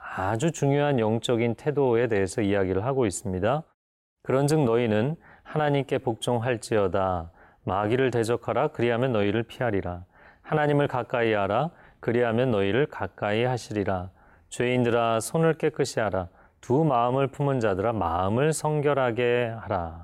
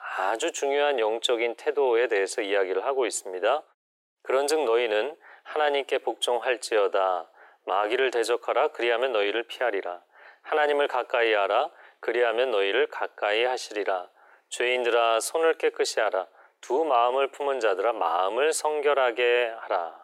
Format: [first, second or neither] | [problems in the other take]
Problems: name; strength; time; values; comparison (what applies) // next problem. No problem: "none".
first | thin; very; fading below 400 Hz